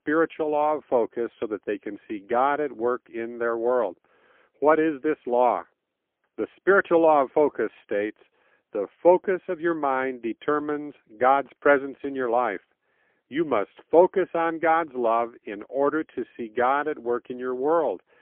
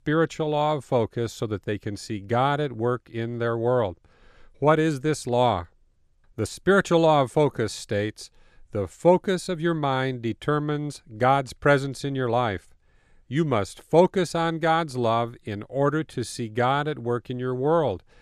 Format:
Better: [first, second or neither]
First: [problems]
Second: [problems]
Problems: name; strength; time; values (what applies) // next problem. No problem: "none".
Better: second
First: phone-call audio; poor line; nothing above 3.5 kHz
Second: none